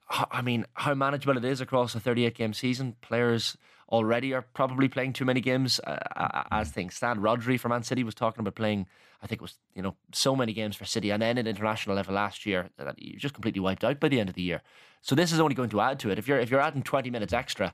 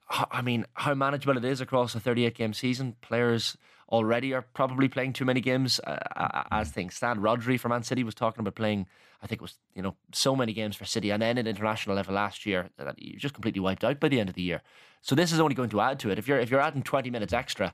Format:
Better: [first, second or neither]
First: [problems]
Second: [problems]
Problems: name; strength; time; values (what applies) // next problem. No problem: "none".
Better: neither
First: none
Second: none